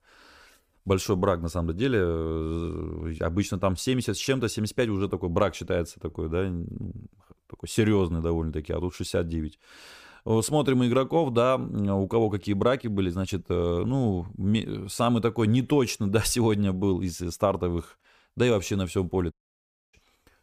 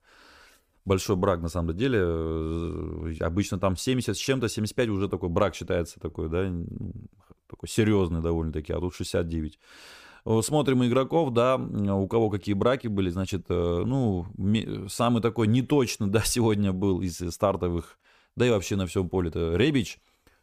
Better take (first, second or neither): second